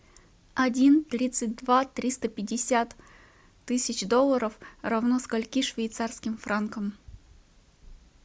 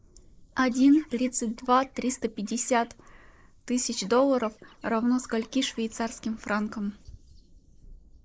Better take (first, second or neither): first